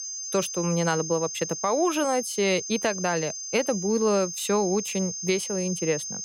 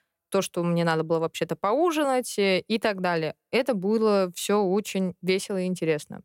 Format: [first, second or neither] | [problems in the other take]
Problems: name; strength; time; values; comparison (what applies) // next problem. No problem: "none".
second | high-pitched whine; loud; throughout; 6.5 kHz, 6 dB below the speech